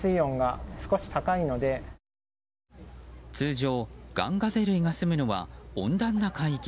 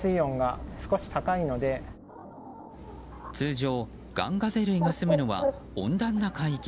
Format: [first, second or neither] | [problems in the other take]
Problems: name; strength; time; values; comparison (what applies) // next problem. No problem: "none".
first | background sound (Bird); 8 dB below the speech